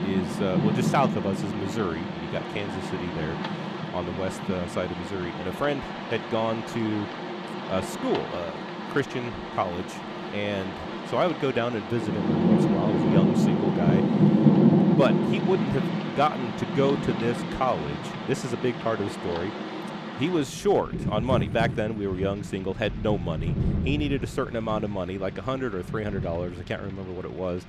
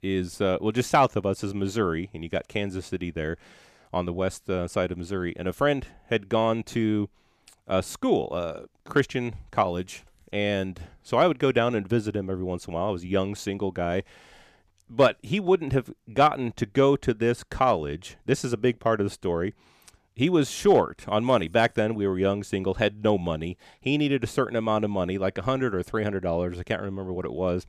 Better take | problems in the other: second | rain or running water; very loud; throughout; 1 dB above the speech

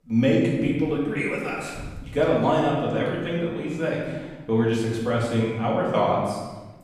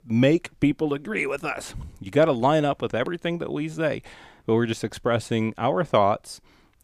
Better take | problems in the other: second | off-mic speech; far // room echo; noticeable; dies away in 1.2 s

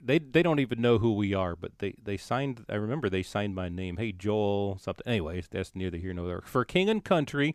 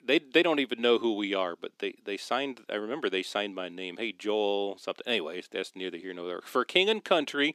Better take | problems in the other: first | thin; somewhat; fading below 250 Hz

